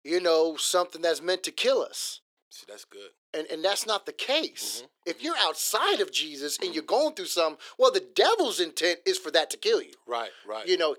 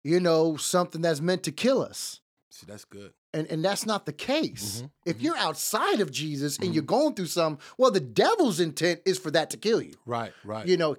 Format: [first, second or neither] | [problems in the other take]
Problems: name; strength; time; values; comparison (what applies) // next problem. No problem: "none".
second | thin; very; fading below 400 Hz